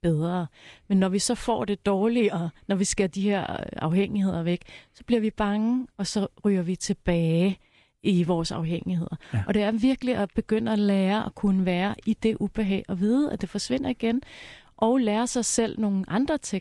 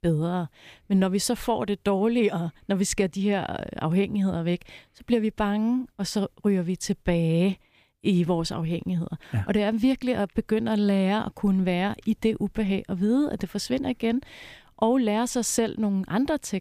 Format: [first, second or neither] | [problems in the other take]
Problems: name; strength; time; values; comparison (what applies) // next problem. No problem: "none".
second | garbled, watery; slightly; nothing above 10 kHz